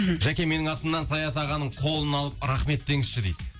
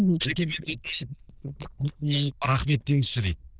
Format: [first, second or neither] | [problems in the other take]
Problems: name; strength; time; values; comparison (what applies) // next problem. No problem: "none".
first | noise reduction (neural diffusion model UNIVERSE++)